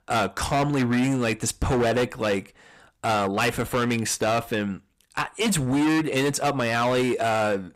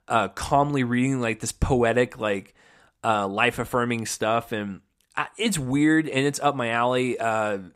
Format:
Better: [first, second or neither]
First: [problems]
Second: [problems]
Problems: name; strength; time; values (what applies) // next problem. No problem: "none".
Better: second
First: distortion; heavy; 18% of the sound clipped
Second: none